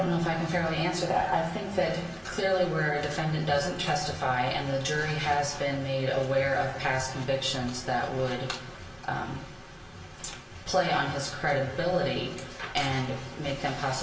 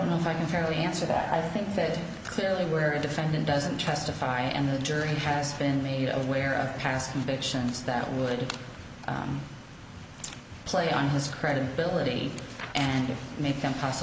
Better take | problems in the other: second | room echo; dies away in 0.2 s

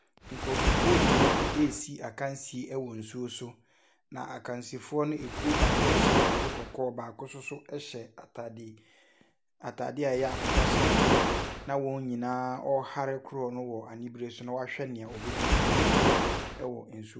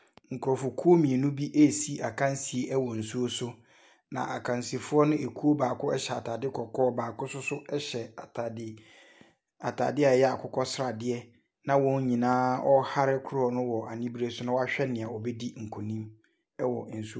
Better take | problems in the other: second | background sound (Waves, surf); 4 dB above the speech

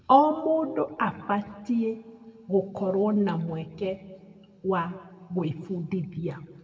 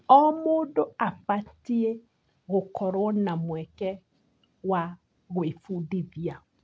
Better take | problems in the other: second | background sound (Wind instrument, woodwind instrument); 17 dB below the speech // room echo; dies away in 1.4 s

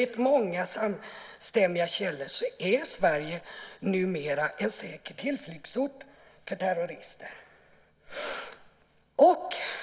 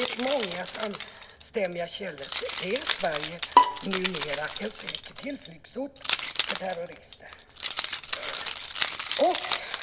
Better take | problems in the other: first | background sound (Keys jangling + Bowed string instrument); 2 dB above the speech

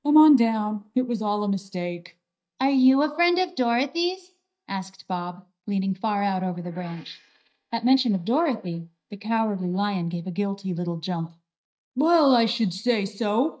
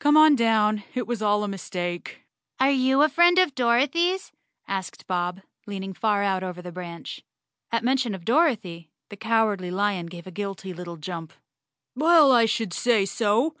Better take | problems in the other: second | noise reduction (neural mask model DeepFilterNet 3)

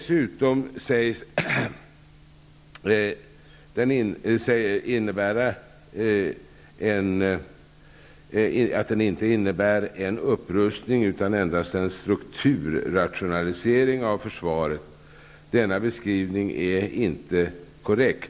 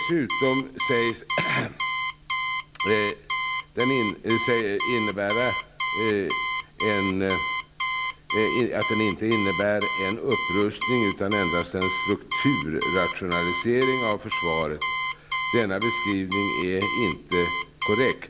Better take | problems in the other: first | background sound (Alarm); 2 dB below the speech

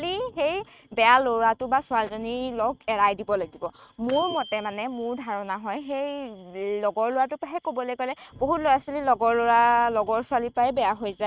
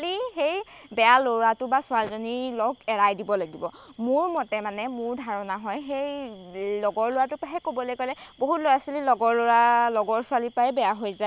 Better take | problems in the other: second | noise reduction (neural mask model RNNoise)

